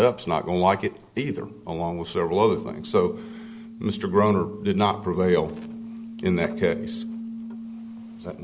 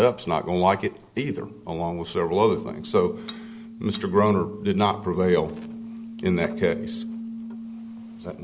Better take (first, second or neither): first